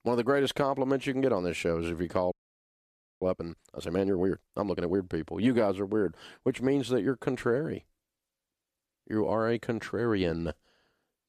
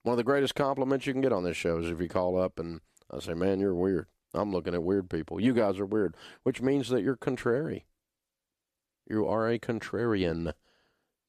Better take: second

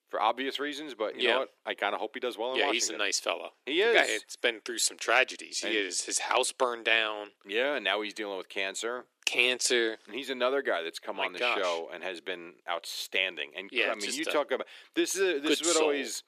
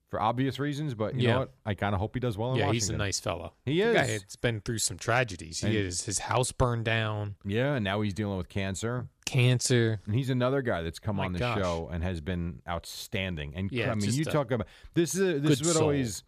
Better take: second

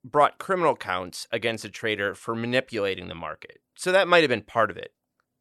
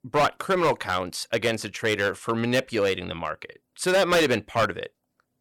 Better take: first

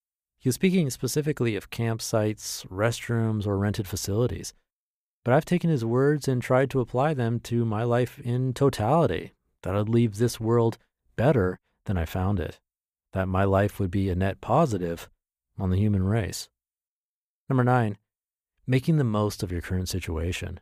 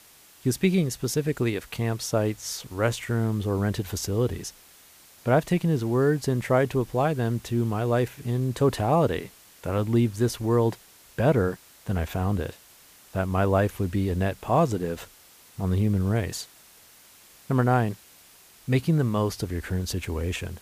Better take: first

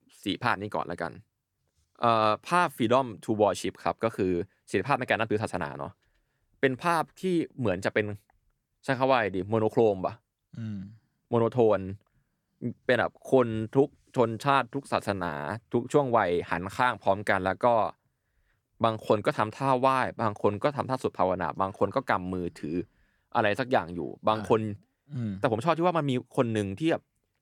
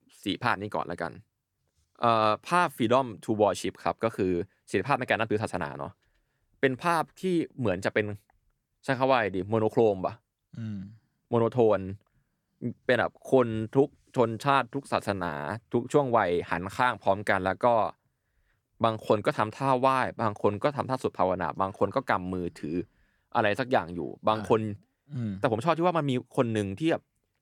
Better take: neither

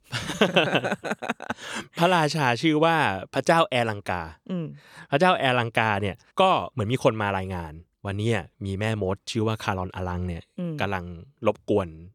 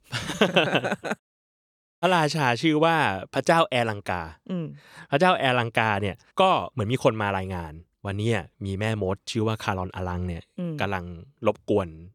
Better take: first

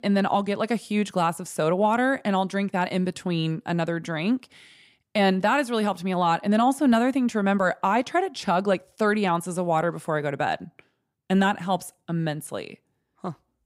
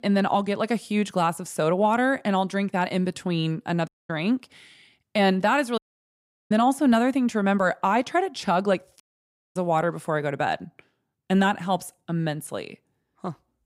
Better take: first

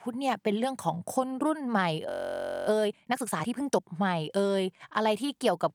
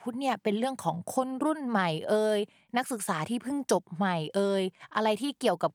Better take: second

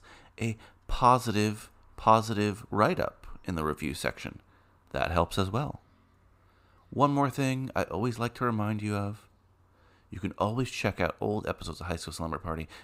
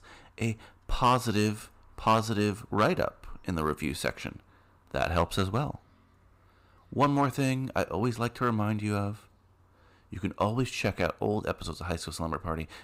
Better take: first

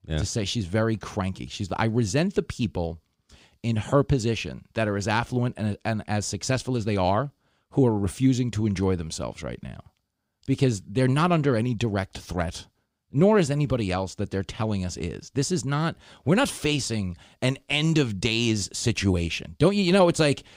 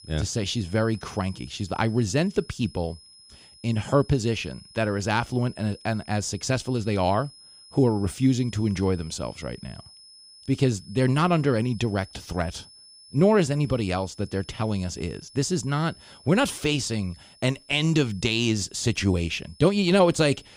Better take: first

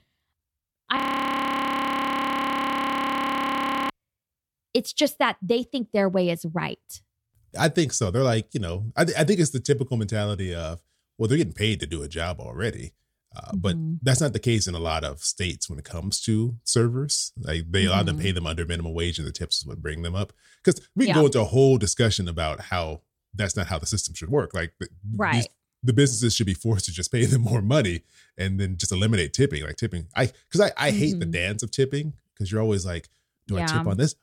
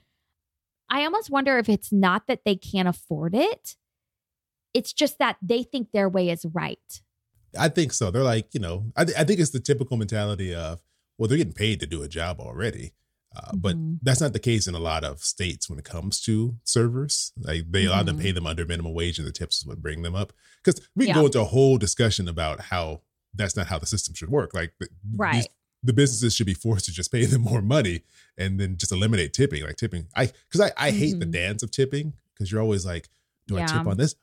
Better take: second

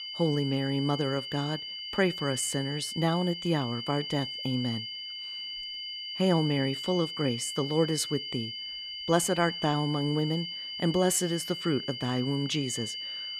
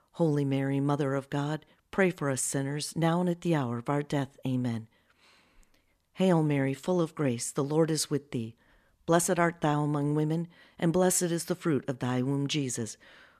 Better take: second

